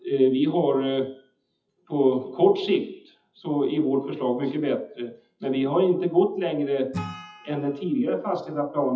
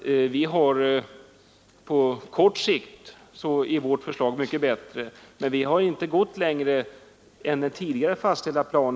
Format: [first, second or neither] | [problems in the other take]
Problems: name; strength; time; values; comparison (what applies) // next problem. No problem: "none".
second | noise reduction (classical method WPE with log-MMSE)